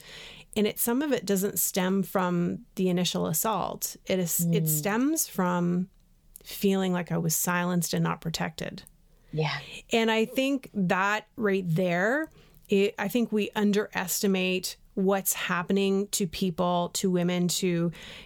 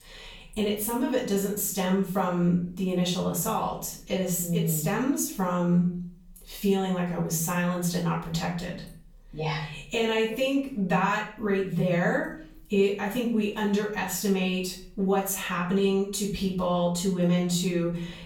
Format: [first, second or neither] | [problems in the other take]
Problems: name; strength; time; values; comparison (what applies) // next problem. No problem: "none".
first | off-mic speech; far // room echo; noticeable; dies away in 0.5 s